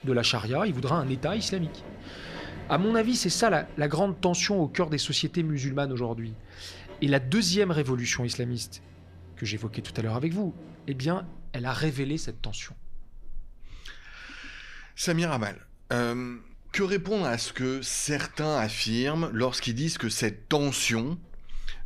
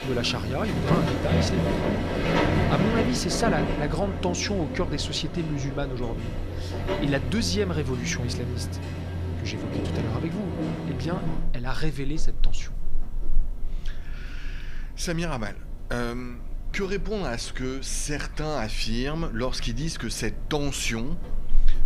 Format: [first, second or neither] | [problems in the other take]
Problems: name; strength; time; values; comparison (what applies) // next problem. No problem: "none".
first | machinery noise; loud; throughout; 1 dB below the speech; faint in the first